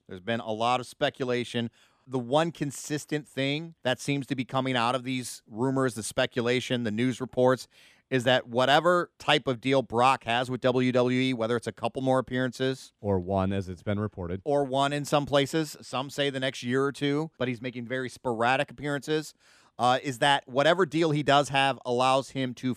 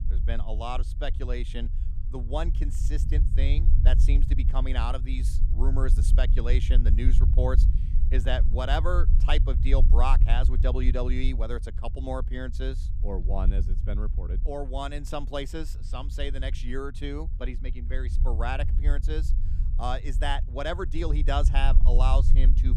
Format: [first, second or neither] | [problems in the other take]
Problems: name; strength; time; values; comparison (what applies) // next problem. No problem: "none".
first | low rumble; noticeable; throughout; 10 dB below the speech